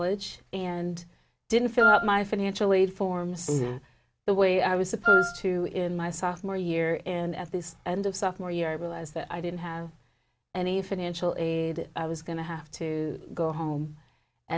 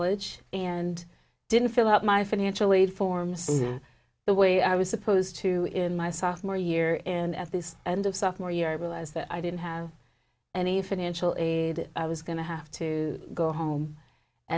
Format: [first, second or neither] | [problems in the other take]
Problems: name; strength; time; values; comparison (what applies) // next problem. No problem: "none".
second | background sound (Wind instrument, woodwind instrument); 3 dB above the speech